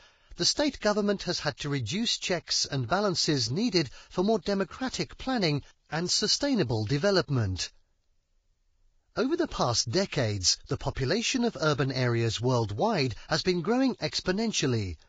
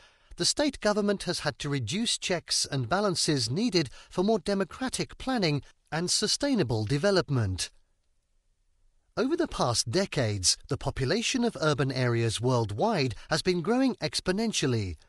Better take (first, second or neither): second